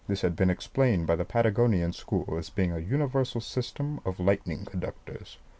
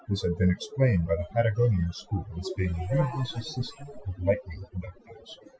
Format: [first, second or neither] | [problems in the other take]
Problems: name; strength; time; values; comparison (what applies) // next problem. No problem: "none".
first | noise reduction (classical method Wiener filter)